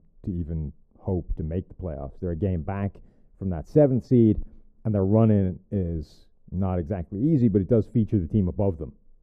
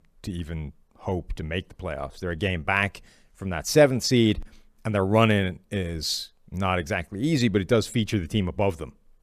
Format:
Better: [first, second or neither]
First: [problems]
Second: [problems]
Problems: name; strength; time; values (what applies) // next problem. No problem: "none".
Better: second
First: muffled; very; fading above 1 kHz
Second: none